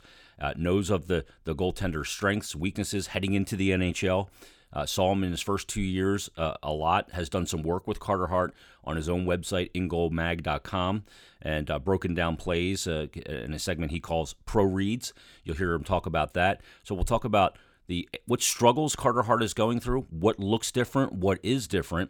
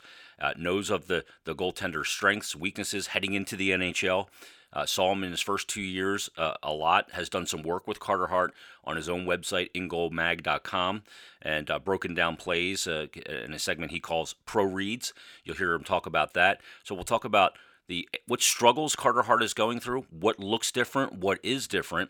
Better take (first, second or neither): first